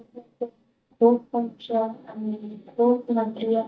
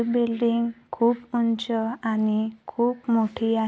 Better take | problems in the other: second | noise reduction (neural mask model DeepFilterNet 3)

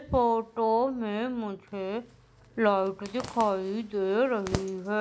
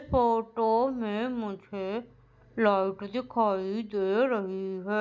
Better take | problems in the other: second | background sound (Zipper (clothing)); 15 dB below the speech

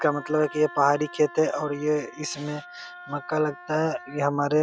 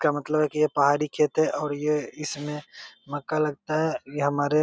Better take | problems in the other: second | background sound (Wind instrument, woodwind instrument); 18 dB below the speech

